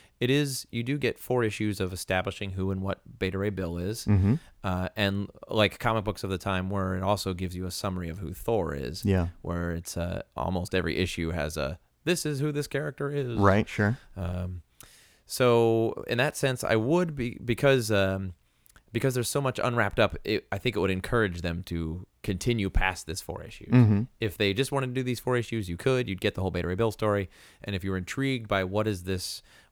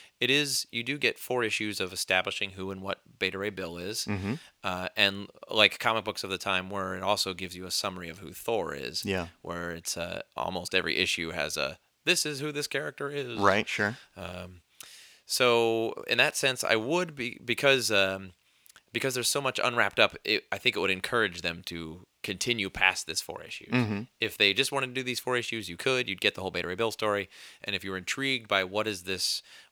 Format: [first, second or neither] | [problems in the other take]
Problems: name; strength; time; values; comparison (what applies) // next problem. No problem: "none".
first | thin; somewhat; fading below 500 Hz